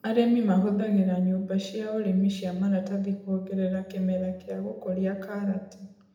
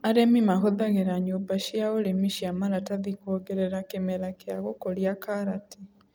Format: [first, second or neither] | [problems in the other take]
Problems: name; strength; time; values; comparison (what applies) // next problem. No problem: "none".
second | room echo; dies away in 0.8 s